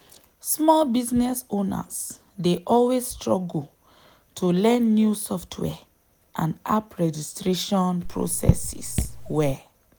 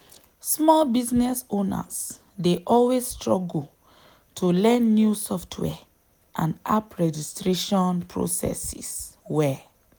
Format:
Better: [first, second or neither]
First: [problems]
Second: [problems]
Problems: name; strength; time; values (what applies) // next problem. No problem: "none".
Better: second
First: background sound (Raindrop / Drip); 2 dB below the speech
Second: none